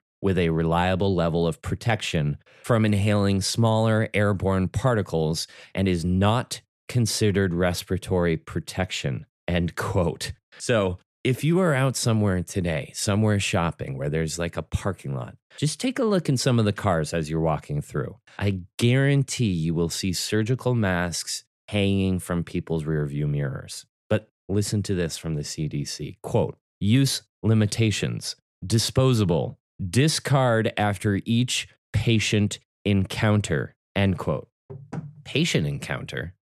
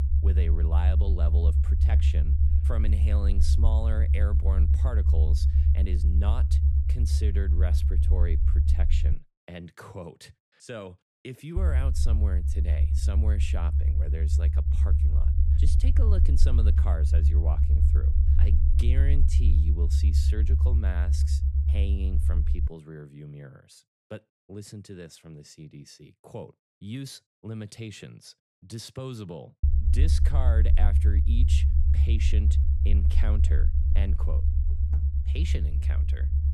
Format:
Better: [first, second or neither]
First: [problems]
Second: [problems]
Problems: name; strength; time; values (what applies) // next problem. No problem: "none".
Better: first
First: none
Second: low rumble; loud; until 9 s, from 12 to 23 s and from 30 s on; as loud as the speech